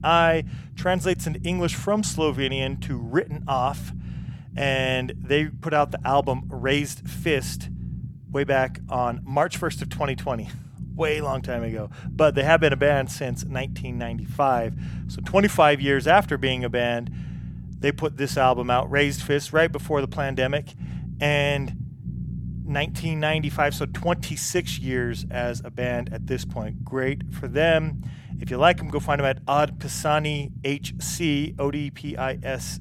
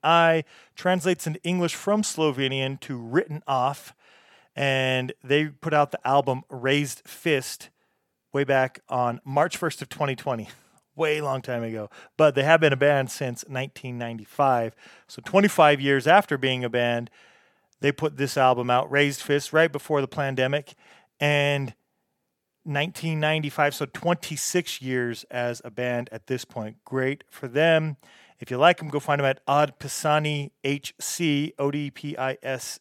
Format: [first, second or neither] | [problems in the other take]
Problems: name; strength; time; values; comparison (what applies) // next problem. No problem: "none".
second | low rumble; faint; throughout; 20 dB below the speech